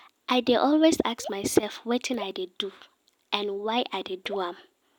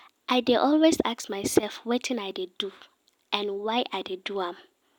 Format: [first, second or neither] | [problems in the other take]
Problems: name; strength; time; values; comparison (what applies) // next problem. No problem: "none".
second | background sound (Raindrop / Drip); 16 dB below the speech